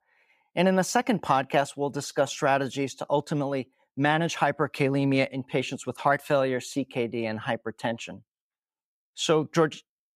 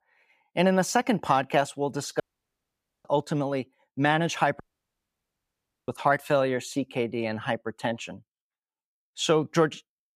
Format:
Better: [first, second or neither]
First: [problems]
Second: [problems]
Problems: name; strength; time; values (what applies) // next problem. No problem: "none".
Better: first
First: none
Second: audio cutting out; at 2 s for 1 s and at 4.5 s for 1.5 s